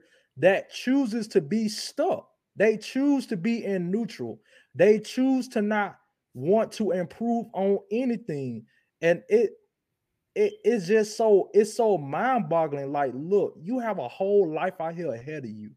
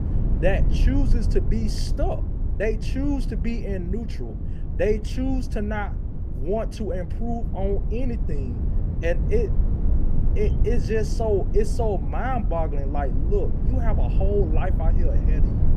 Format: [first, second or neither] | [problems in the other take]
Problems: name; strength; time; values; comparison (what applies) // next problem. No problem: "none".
first | low rumble; noticeable; throughout; 10 dB below the speech